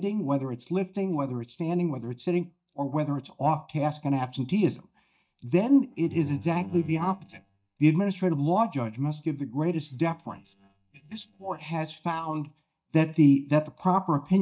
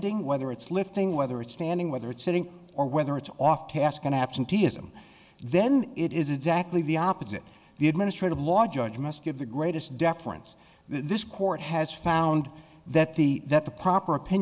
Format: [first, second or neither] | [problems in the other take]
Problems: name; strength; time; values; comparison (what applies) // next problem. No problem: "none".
second | noise reduction (neural mask model DeepFilterNet 3)